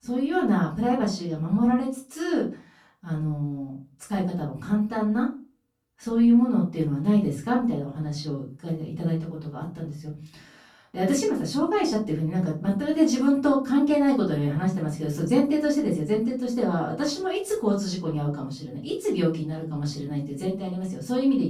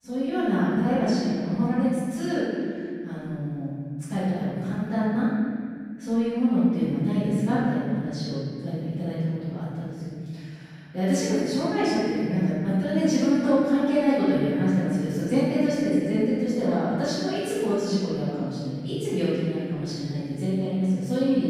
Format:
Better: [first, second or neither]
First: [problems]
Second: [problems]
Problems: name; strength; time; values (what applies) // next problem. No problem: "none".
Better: first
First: room echo; slight; dies away in 0.3 s // off-mic speech; far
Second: room echo; strong; dies away in 2.5 s // off-mic speech; far